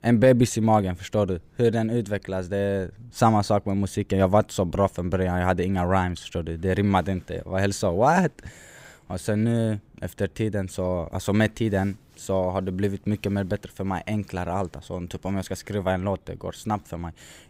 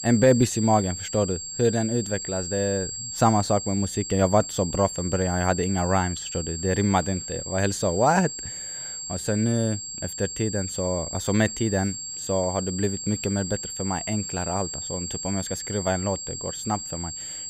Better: first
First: none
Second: high-pitched whine; loud; throughout; 7.5 kHz, 6 dB below the speech

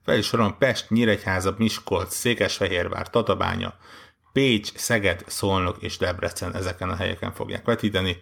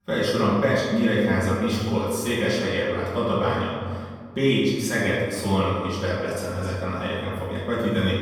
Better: first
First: none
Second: off-mic speech; far // room echo; noticeable; dies away in 1.8 s

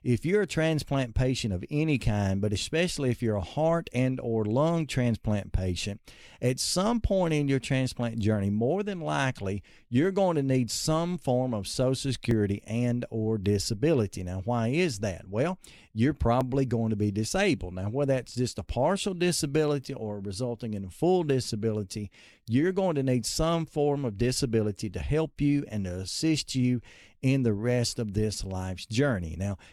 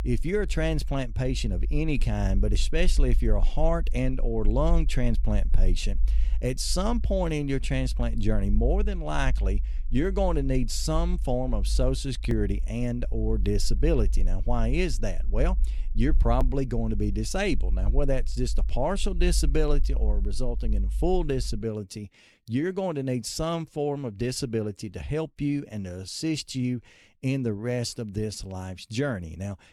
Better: first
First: none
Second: low rumble; faint; until 22 s; 25 dB below the speech

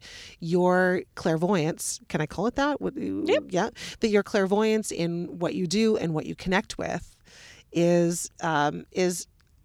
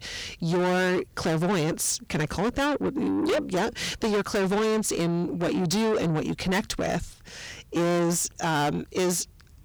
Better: first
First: none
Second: distortion; heavy; 6 dB below the speech

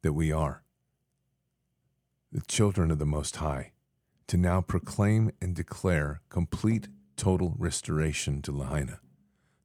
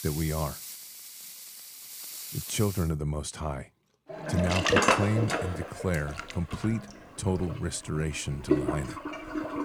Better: first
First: none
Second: household noises; very loud; throughout; as loud as the speech

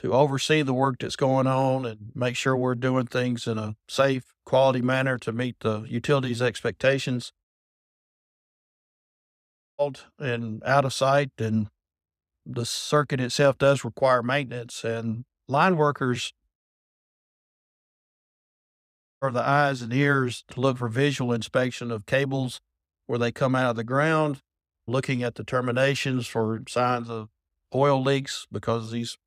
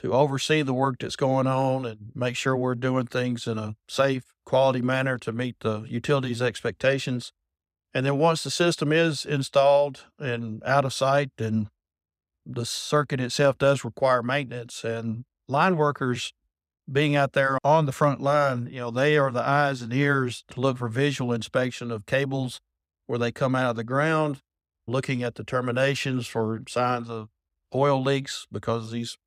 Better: second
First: audio cutting out; at 7.5 s for 2.5 s and at 17 s for 2.5 s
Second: none

